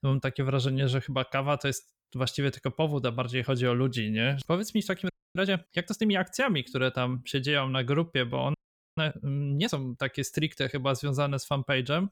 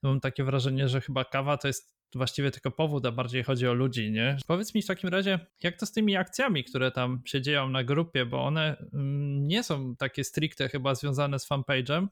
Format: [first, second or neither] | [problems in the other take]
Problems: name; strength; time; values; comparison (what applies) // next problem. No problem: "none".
second | audio freezing; at 5 s and at 8.5 s